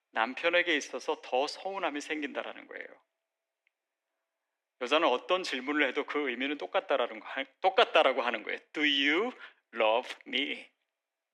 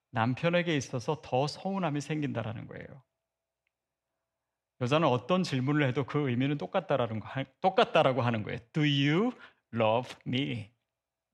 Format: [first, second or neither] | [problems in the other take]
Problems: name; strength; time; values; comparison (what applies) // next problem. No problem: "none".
second | thin; somewhat; fading below 300 Hz